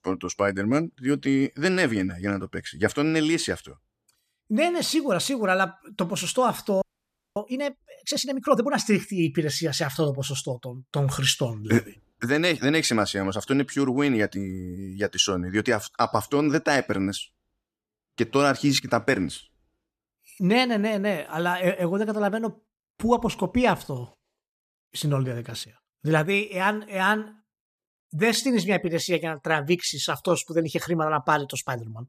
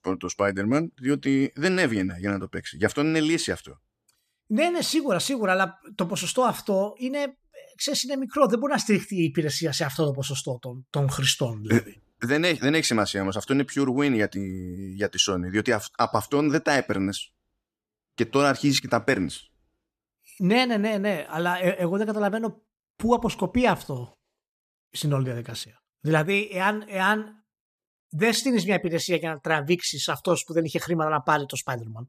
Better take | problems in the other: second | audio freezing; at 7 s for 0.5 s

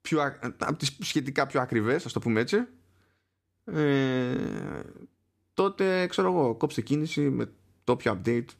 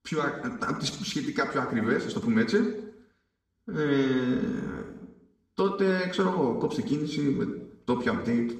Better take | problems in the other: first | room echo; noticeable; dies away in 0.8 s // off-mic speech; far

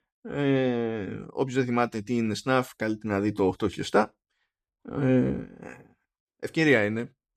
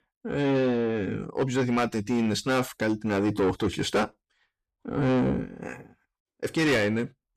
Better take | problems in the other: first | distortion; heavy; 7 dB below the speech

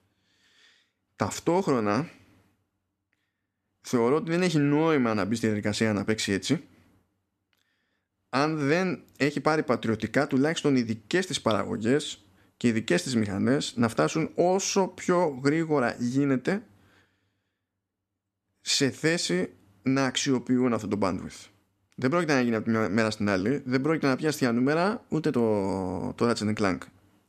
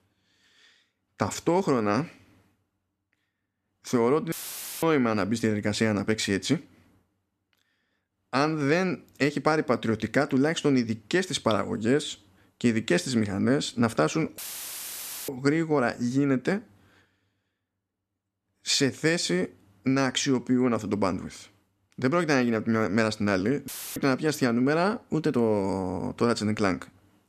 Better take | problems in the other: first | audio cutting out; filled with static; at 4.5 s for 0.5 s, at 14 s for 1 s and at 24 s

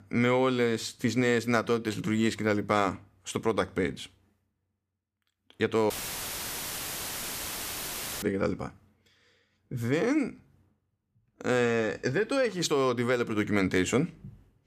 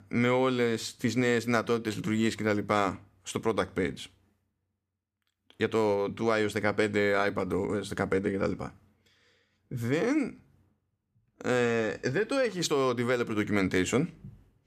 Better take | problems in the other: second | audio cutting out; filled with static; at 6 s for 2.5 s

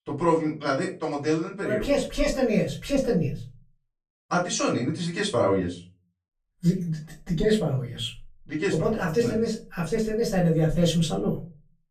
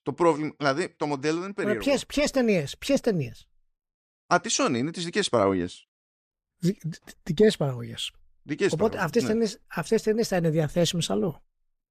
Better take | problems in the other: second | off-mic speech; far // room echo; slight; dies away in 0.3 s

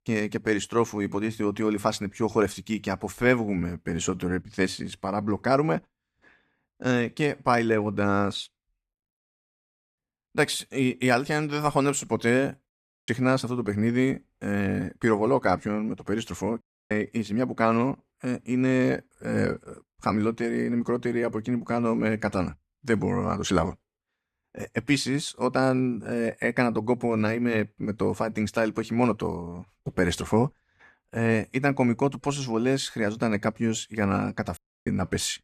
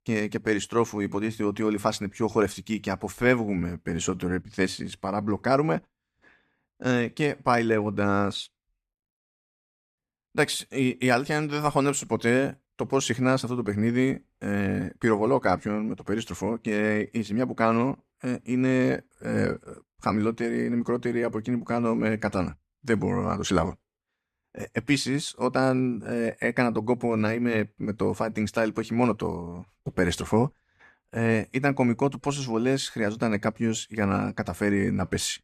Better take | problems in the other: second | audio cutting out; at 13 s, at 17 s and at 35 s

